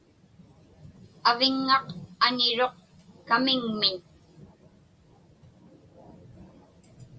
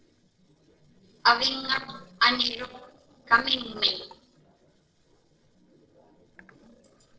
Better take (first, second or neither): first